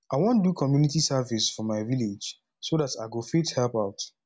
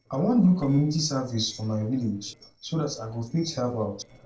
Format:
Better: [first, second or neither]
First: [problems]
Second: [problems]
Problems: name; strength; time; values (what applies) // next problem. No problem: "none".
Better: first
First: none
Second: noise reduction (neural separator model SepFormer DNS4)